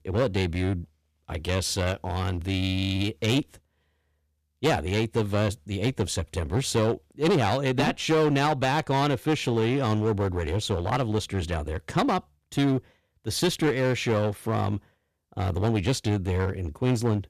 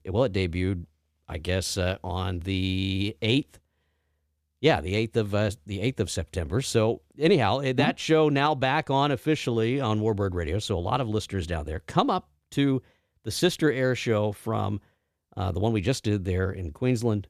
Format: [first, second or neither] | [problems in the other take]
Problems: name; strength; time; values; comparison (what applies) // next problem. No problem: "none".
second | distortion; slight; 10% of the sound clipped